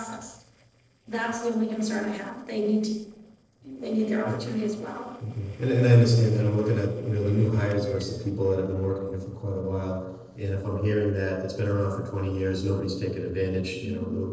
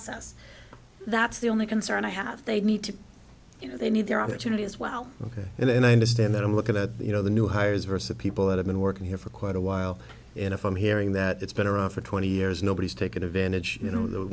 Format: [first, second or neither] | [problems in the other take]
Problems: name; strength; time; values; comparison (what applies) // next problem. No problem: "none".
second | noise reduction (neural separator model SepFormer DNS4)